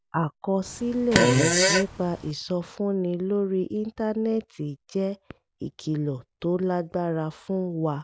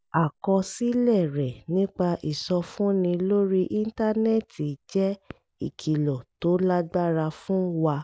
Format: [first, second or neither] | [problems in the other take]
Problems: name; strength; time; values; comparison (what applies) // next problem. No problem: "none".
second | background sound (Fart); 4 dB above the speech